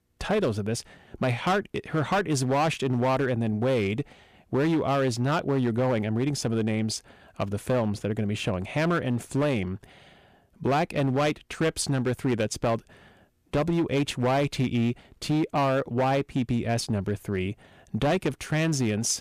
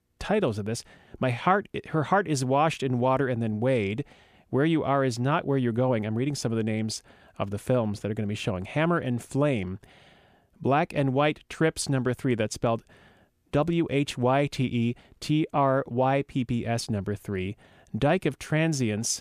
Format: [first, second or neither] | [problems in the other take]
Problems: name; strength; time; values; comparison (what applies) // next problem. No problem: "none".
second | distortion; slight; 9% of the sound clipped